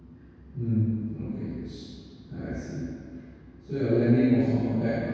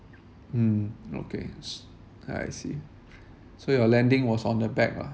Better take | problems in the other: second | room echo; dies away in 2 s

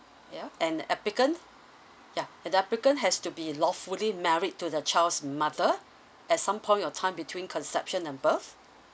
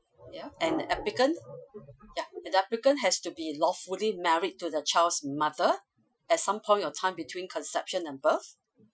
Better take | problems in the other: first | noise reduction (classical method Wiener filter)

